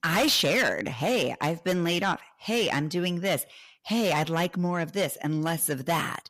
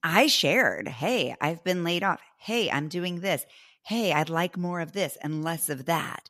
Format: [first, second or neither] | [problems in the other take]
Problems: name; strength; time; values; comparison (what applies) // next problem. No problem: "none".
second | distortion; heavy; 8 dB below the speech